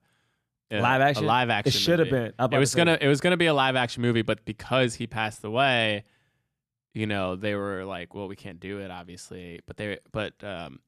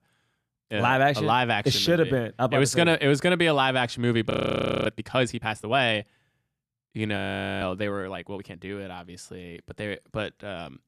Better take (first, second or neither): first